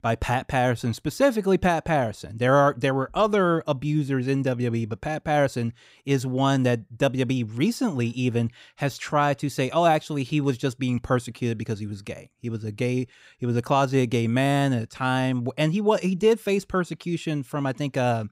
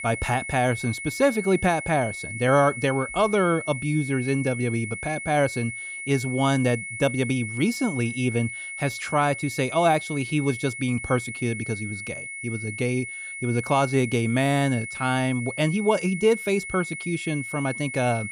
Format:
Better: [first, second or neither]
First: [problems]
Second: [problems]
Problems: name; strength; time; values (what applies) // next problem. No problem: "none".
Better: first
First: none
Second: high-pitched whine; loud; throughout; 2 kHz, 8 dB below the speech